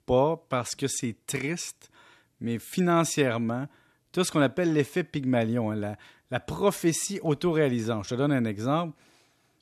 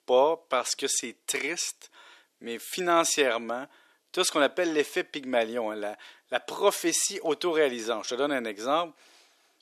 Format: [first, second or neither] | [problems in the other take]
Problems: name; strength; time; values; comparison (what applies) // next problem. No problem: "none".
first | thin; somewhat; fading below 400 Hz